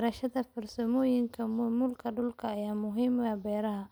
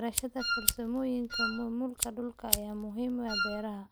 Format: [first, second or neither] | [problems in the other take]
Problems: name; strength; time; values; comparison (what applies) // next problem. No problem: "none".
first | background sound (Fire + Wind instrument, woodwind instrument); as loud as the speech